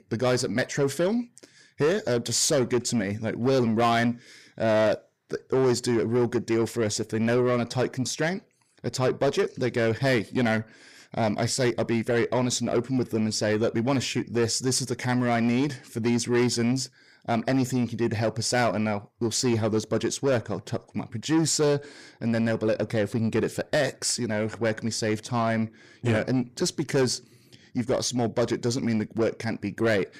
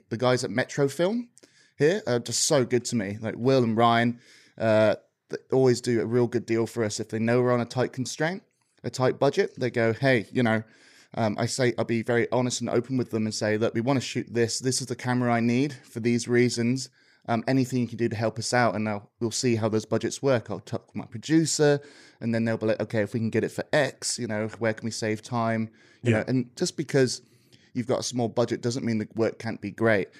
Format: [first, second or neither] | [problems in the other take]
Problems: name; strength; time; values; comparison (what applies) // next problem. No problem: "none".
second | distortion; slight; 10 dB below the speech